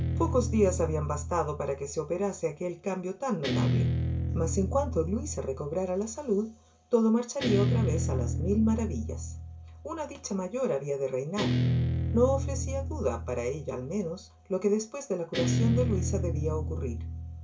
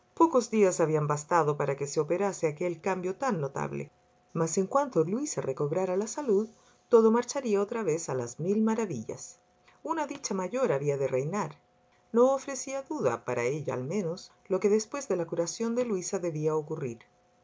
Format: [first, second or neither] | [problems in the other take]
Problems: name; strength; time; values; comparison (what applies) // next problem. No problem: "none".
second | background sound (Guitar); 1 dB below the speech // room echo; dies away in 0.2 s